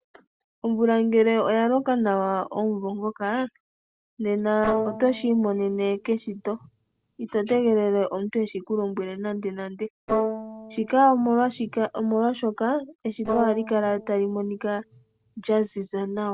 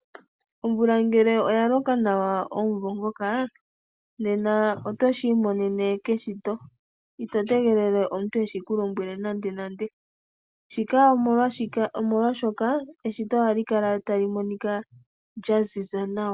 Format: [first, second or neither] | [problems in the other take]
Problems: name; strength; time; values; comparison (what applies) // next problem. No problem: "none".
second | noise reduction (neural separator model SepFormer DNS4)